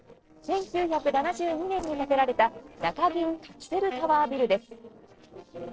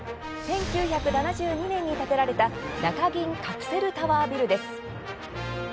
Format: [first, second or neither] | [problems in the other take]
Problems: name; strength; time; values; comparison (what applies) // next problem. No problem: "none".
second | noise reduction (neural separator model SepFormer DNS4)